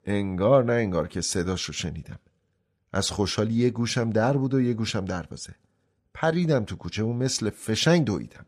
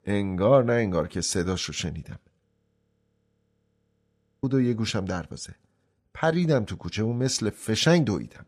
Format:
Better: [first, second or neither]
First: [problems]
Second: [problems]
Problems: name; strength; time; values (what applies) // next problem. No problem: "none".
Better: first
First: none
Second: audio freezing; at 2.5 s for 2 s